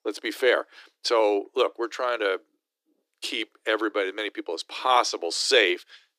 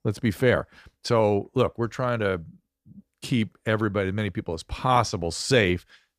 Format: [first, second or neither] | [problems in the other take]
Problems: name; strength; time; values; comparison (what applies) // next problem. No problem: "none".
second | thin; very; fading below 300 Hz